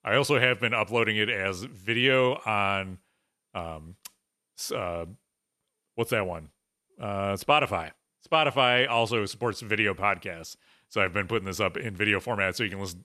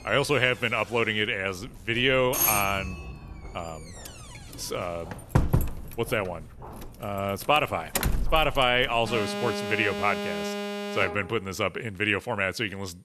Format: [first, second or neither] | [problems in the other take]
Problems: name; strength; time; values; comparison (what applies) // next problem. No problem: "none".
first | alarms or sirens; loud; throughout; 4 dB below the speech